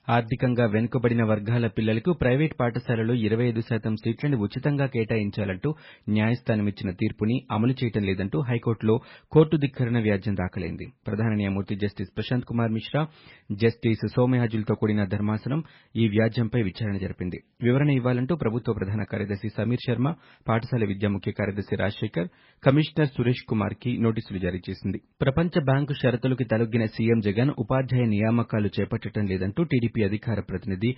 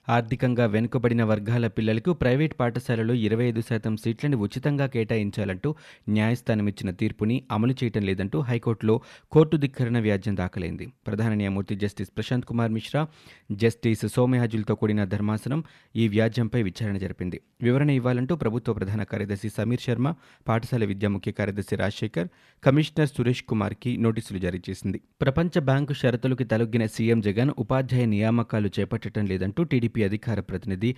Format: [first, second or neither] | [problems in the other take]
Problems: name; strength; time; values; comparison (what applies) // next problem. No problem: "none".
second | garbled, watery; badly; nothing above 5.5 kHz